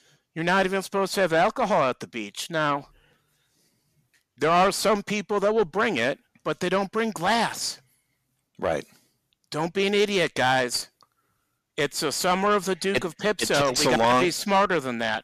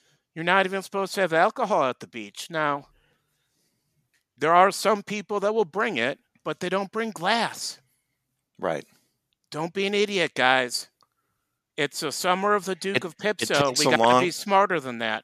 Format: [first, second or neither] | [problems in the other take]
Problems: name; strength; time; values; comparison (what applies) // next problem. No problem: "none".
second | distortion; heavy; 7 dB below the speech